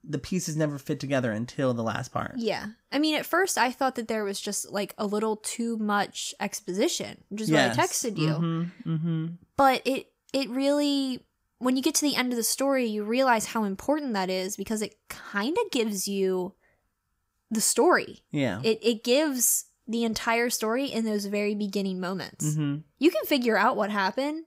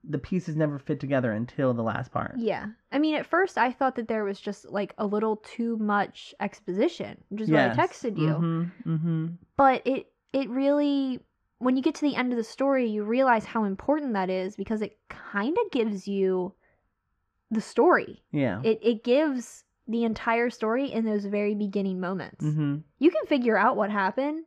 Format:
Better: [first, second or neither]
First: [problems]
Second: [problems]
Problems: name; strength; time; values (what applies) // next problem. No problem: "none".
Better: first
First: none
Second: muffled; very; fading above 2 kHz